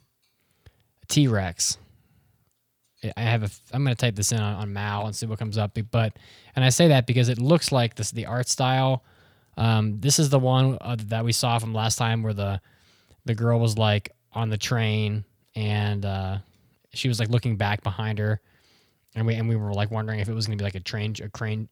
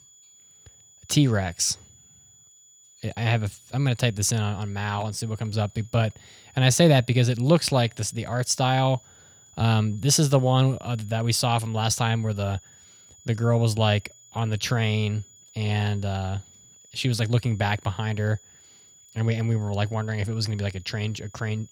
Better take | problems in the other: first | high-pitched whine; faint; throughout; 7 kHz, 25 dB below the speech

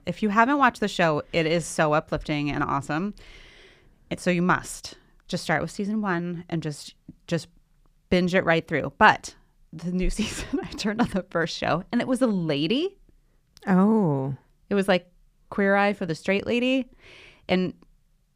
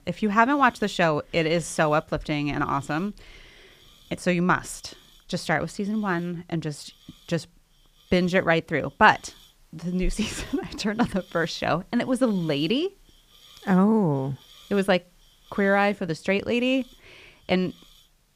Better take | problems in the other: first | hiss; faint; throughout; 30 dB below the speech

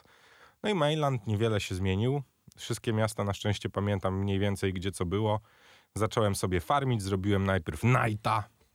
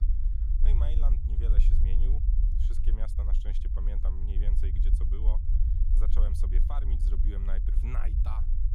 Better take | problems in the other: first | low rumble; loud; throughout; 2 dB below the speech

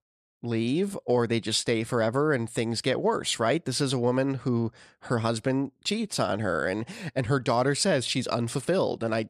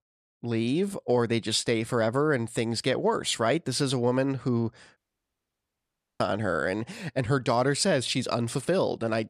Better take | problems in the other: first | audio cutting out; at 5 s for 1 s

